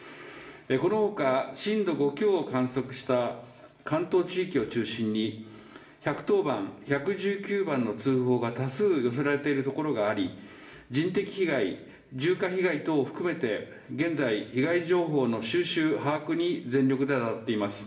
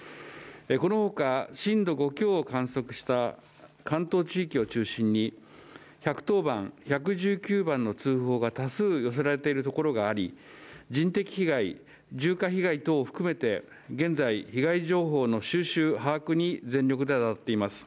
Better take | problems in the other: second | room echo; dies away in 0.7 s

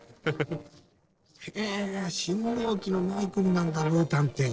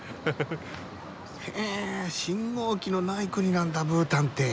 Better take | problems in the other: second | noise reduction (neural separator model SepFormer DNS4)

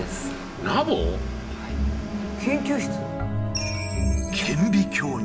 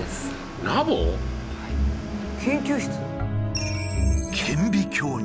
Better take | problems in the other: second | room echo; dies away in 1.7 s

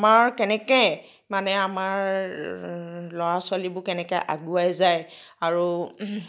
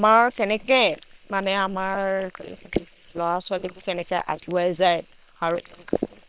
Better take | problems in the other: first | noise reduction (neural separator model SepFormer WHAM!)

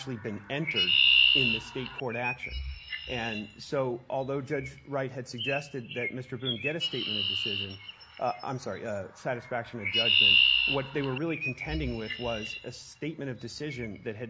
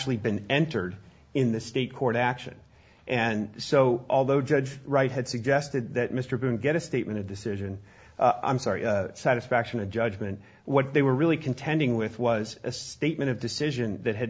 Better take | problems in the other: second | background sound (Chirp, tweet); 4 dB above the speech

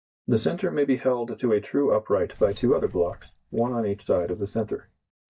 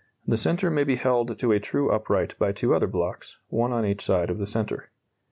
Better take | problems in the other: second | noise reduction (neural mask model DeepFilterNet 3)

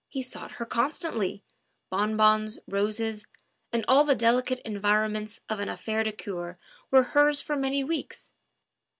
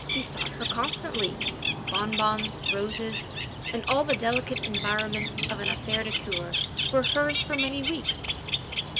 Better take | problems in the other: first | background sound (Bird); as loud as the speech

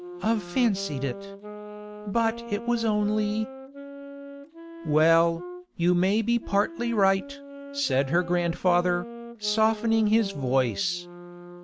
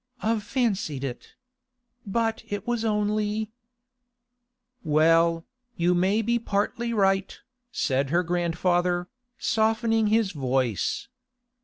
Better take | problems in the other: second | background sound (Wind instrument, woodwind instrument); 13 dB below the speech

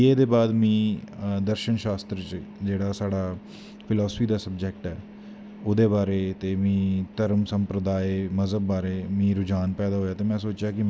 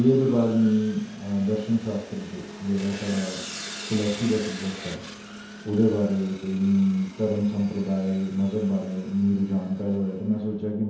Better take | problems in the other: first | background sound (Sawing); 17 dB below the speech // room echo; dies away in 0.8 s

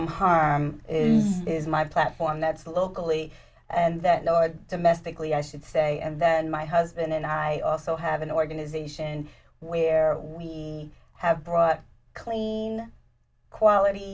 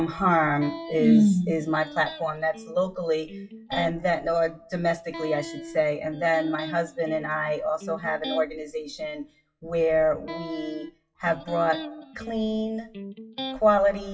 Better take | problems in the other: first | noise reduction (classical method WPE with log-MMSE)

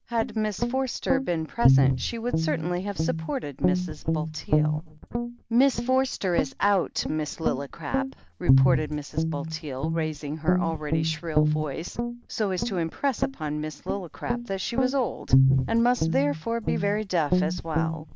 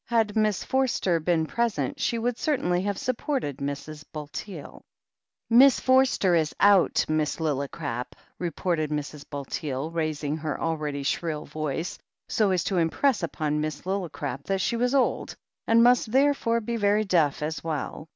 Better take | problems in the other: second | background sound (Guitar); 1 dB above the speech

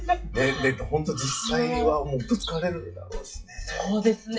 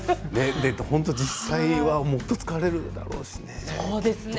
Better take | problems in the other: second | noise reduction (classical method WPE with log-MMSE)

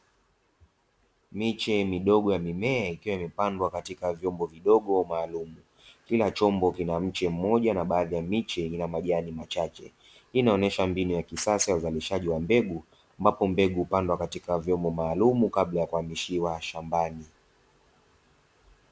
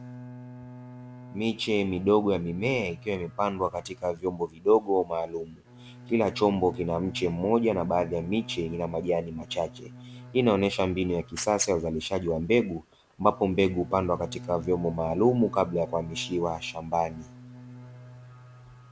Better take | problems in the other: first | background sound (Bowed string instrument); 17 dB below the speech

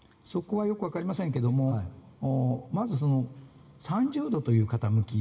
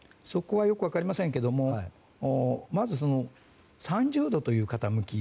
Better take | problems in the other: second | room echo; dies away in 2.4 s

